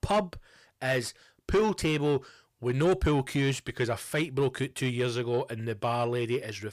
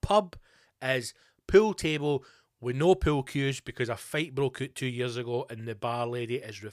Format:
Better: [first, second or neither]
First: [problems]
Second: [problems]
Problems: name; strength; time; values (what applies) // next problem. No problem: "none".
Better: second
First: distortion; heavy; 7 dB below the speech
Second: none